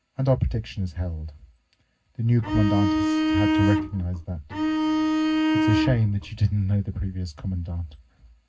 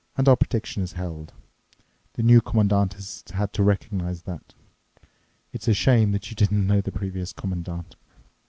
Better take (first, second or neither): second